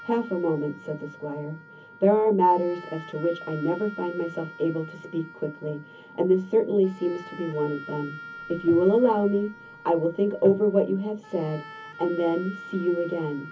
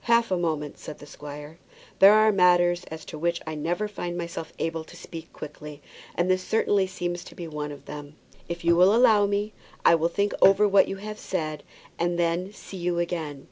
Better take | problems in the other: second | background sound (Wind instrument, woodwind instrument); 18 dB below the speech // room echo; dies away in 0.3 s

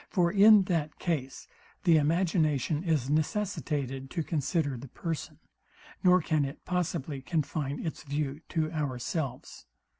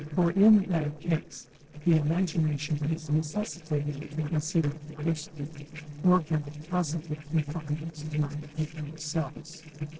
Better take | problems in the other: first | noise reduction (neural separator model SepFormer DNS4)

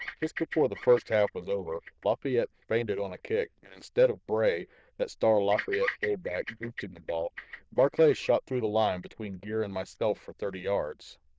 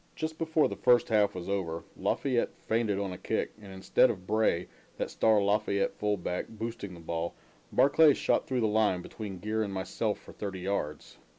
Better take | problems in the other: second | noise reduction (neural diffusion model UNIVERSE++)

